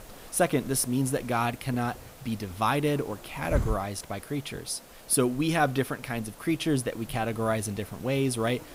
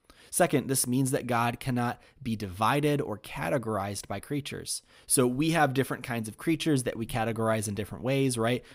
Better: second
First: hiss; noticeable; throughout; 15 dB below the speech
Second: none

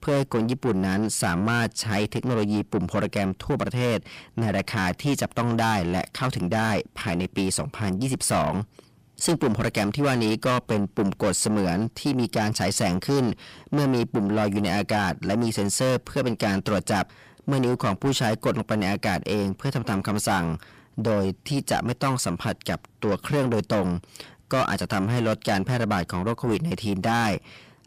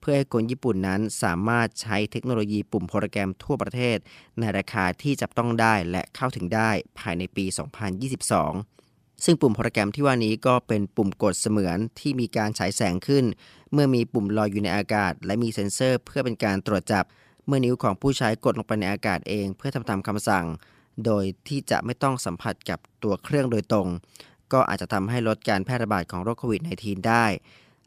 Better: second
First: distortion; heavy; 7 dB below the speech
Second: none

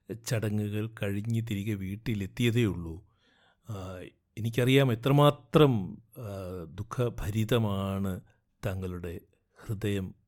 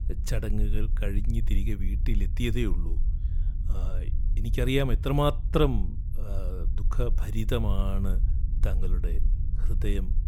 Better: first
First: none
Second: low rumble; noticeable; throughout; 15 dB below the speech

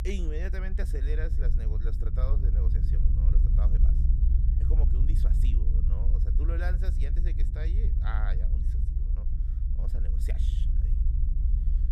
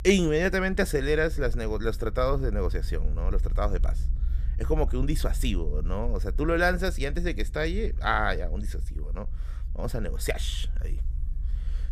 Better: second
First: low rumble; loud; throughout; 3 dB below the speech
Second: low rumble; faint; throughout; 25 dB below the speech

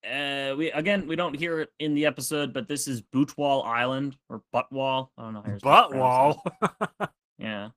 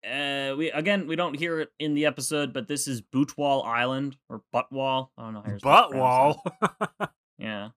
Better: second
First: garbled, watery; slightly; nothing above 15 kHz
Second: none

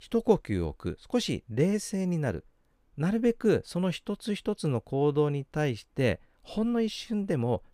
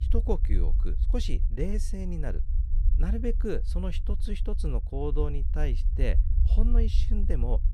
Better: first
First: none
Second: low rumble; noticeable; throughout; 10 dB below the speech

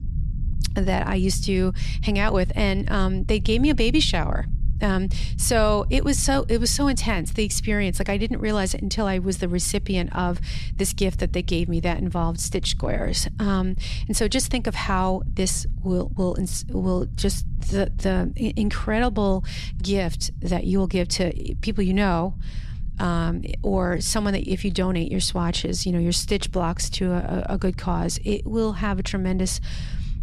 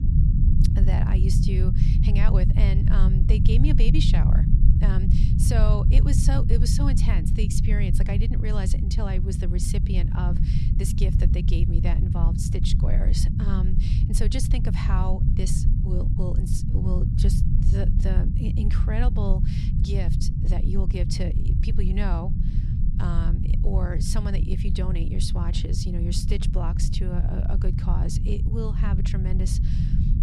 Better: first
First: low rumble; faint; throughout; 20 dB below the speech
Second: low rumble; loud; throughout; 2 dB below the speech

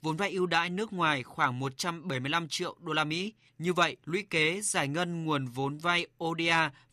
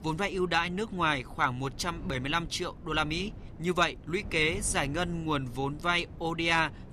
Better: first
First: none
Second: wind noise on the microphone; occasional gusts; 25 dB below the speech

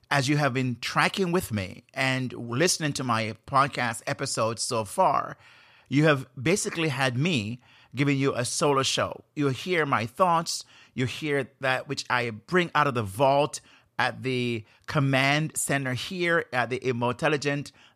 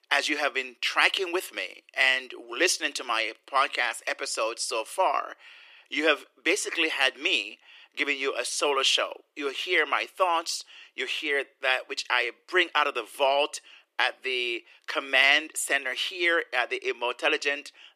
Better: first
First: none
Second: thin; very; fading below 300 Hz

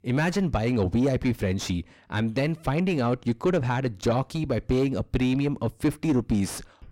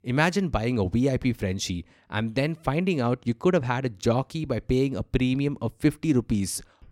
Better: second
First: distortion; slight; 9 dB below the speech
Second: none

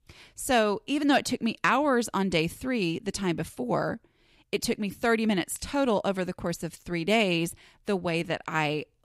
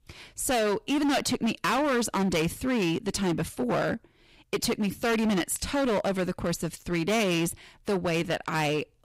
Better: first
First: none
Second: distortion; heavy; 18% of the sound clipped

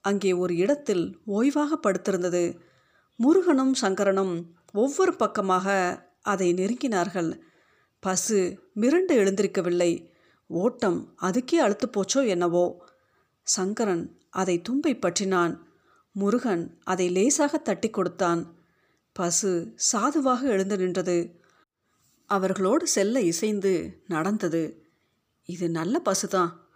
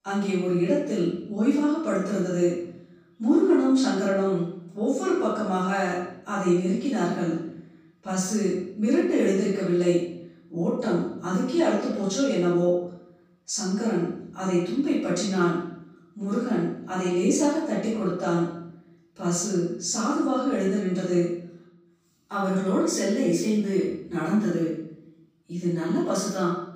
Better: first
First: none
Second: off-mic speech; far // room echo; noticeable; dies away in 0.7 s

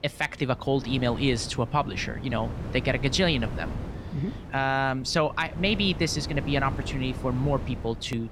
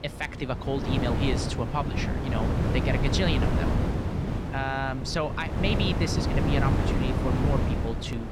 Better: first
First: wind noise on the microphone; occasional gusts; 15 dB below the speech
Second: wind noise on the microphone; heavy; 2 dB below the speech

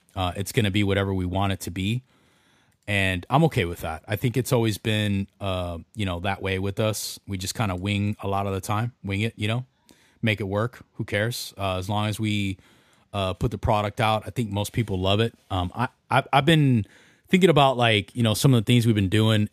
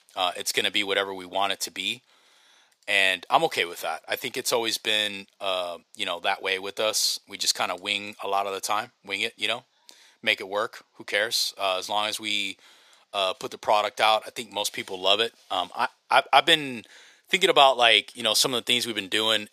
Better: first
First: none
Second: thin; very; fading below 600 Hz

